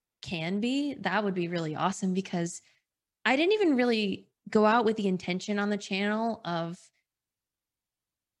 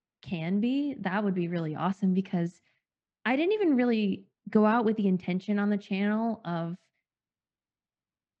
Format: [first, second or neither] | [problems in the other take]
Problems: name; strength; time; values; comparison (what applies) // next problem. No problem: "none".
first | muffled; slightly; fading above 2.5 kHz